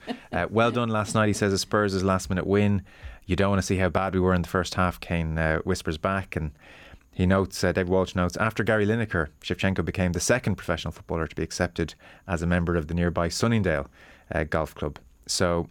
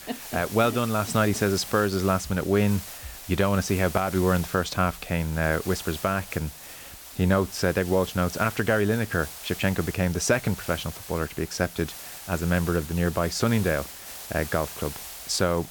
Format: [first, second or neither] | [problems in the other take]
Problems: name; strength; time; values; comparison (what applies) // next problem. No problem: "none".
first | hiss; noticeable; throughout; 10 dB below the speech